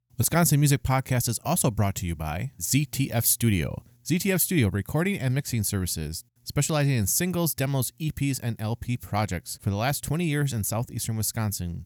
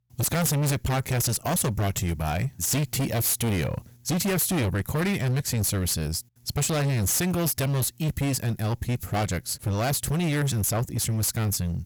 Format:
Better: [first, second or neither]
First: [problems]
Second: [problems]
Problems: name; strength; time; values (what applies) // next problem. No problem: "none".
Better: first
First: none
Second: distortion; heavy; 30% of the sound clipped